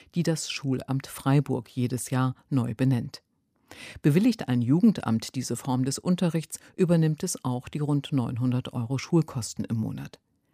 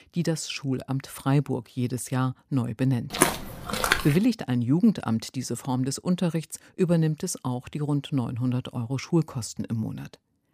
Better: first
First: none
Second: footsteps; loud; at 3 s; peak 3 dB above the speech

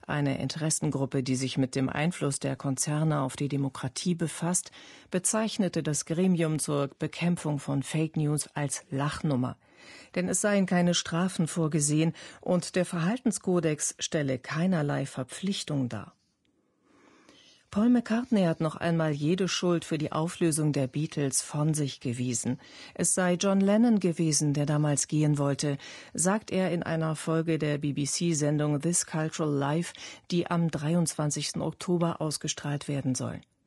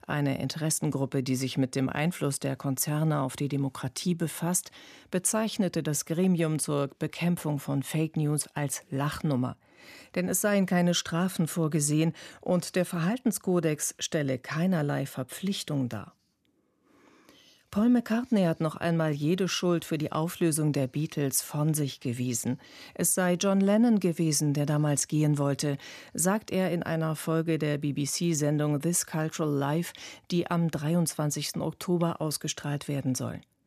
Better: second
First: garbled, watery; slightly; nothing above 10.5 kHz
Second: none

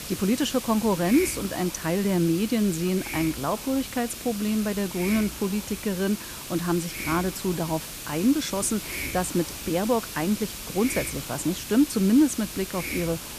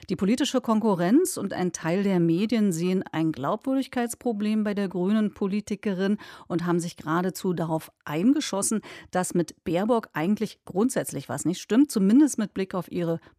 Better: second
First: hiss; loud; throughout; 8 dB below the speech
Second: none

